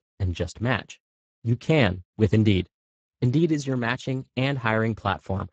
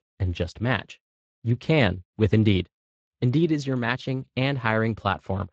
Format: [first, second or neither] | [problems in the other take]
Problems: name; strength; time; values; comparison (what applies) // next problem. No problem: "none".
second | garbled, watery; badly; nothing above 7.5 kHz; slightly in the second